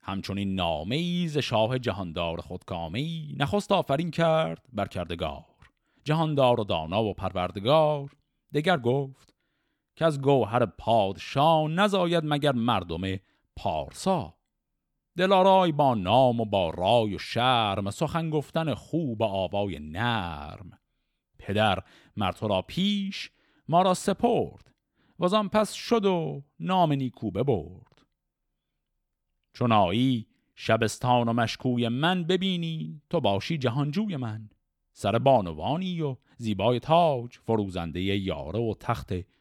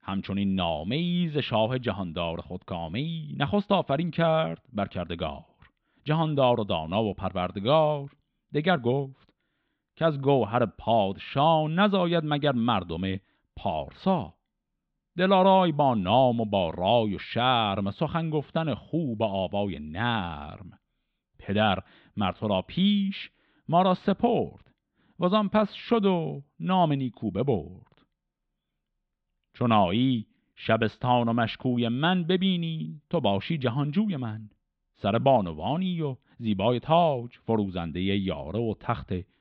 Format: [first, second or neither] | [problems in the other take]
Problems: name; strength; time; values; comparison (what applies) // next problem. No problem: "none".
first | muffled; slightly; fading above 3.5 kHz